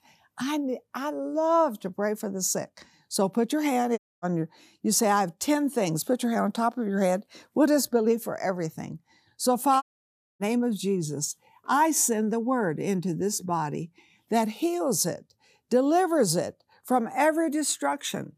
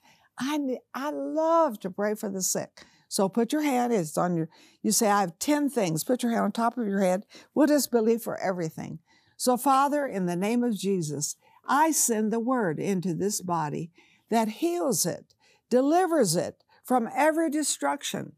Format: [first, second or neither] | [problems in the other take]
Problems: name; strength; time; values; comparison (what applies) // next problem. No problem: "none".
second | audio cutting out; at 4 s and at 10 s for 0.5 s